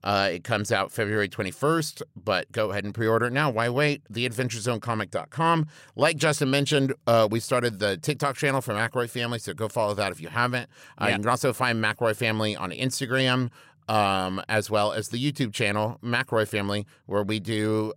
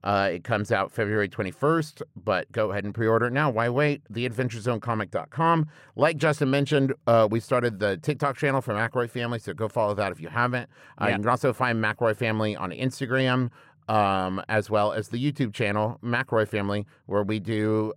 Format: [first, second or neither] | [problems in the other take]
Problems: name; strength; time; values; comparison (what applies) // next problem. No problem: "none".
first | muffled; slightly; fading above 3 kHz